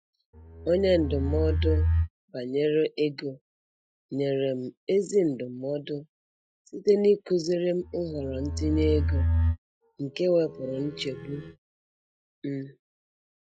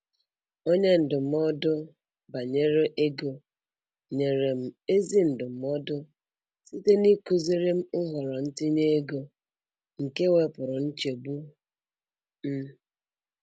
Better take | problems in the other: second | noise reduction (classical method Wiener filter)

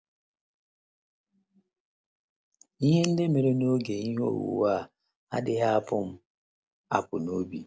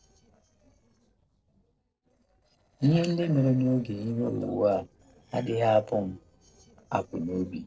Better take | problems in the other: first | noise reduction (neural separator model SepFormer DNS4)

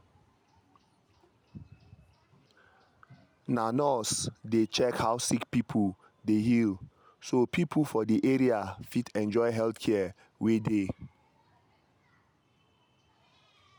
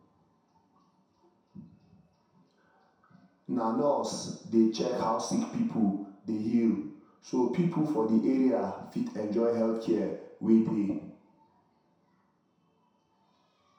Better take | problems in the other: first | room echo; dies away in 0.7 s

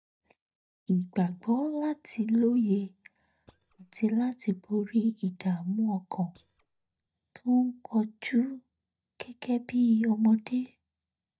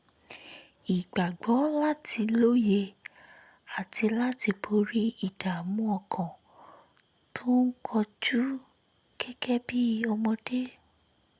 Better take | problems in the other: second | noise reduction (neural mask model DeepFilterNet 3)

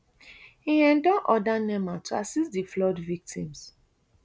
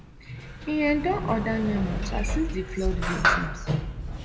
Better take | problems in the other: first | background sound (Sliding door); as loud as the speech // room echo; dies away in 0.9 s

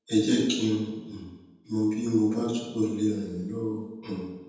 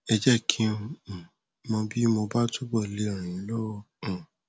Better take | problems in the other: second | room echo; dies away in 1.1 s

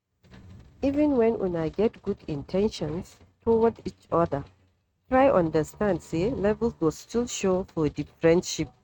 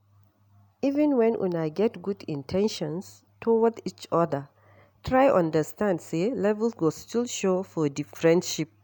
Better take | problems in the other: second | noise reduction (neural mask model RNNoise)

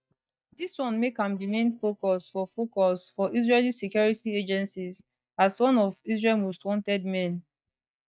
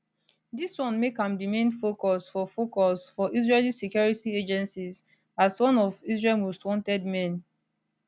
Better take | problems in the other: second | noise reduction (neural mask model DeepFilterNet 3)

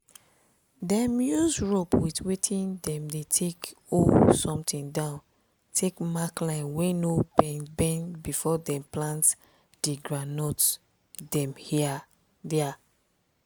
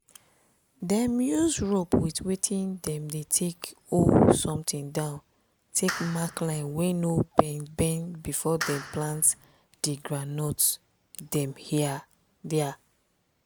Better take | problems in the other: first | background sound (Clapping); 11 dB below the speech

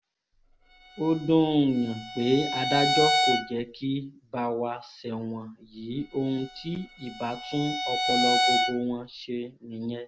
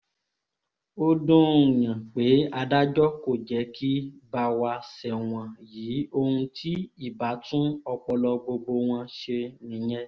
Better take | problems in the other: second | background sound (Bowed string instrument); as loud as the speech

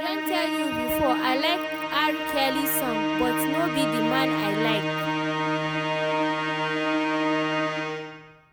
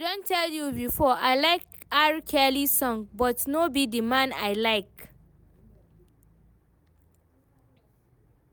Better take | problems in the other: second | background sound (Musical instrument); 4 dB above the speech

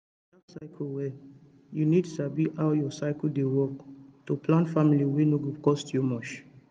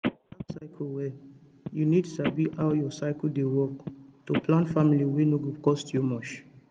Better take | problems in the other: first | background sound (Telephone); 11 dB below the speech

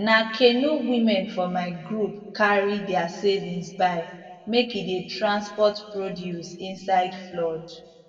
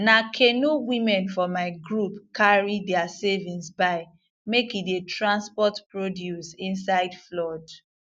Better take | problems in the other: second | room echo; dies away in 1.4 s

